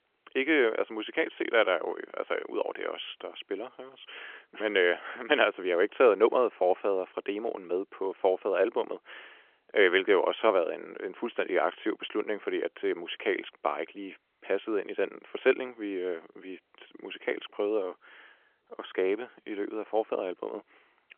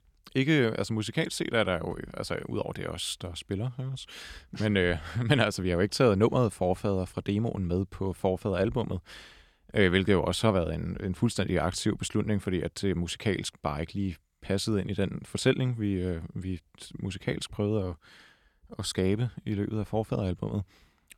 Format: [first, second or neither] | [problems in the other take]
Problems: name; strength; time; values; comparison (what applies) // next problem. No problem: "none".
second | phone-call audio; nothing above 3.5 kHz